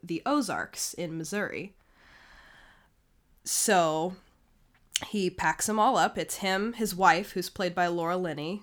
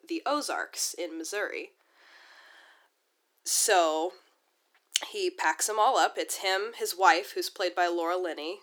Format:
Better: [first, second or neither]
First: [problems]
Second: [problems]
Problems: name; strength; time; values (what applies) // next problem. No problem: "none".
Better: first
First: none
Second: thin; very; fading below 350 Hz